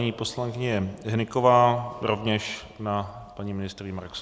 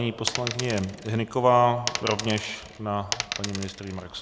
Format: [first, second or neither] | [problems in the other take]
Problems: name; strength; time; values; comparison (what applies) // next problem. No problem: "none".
first | background sound (Coin (dropping)); 8 dB below the speech